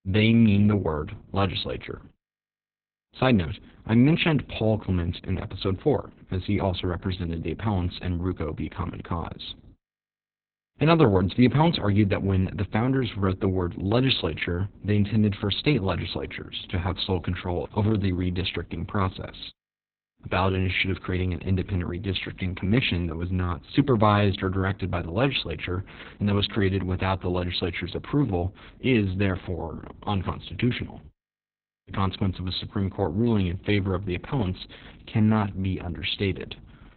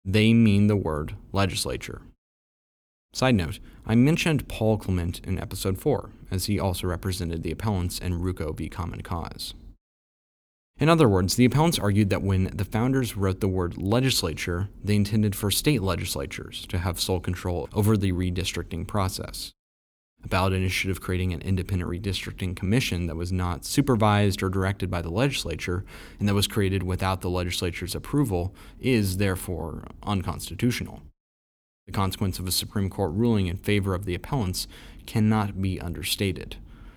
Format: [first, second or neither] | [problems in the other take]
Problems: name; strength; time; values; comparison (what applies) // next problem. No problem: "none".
second | garbled, watery; badly; nothing above 4 kHz